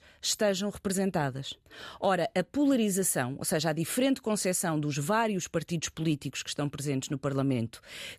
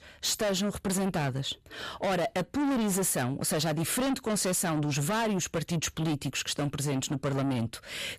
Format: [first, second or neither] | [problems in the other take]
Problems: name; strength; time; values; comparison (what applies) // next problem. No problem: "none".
first | distortion; heavy; 7 dB below the speech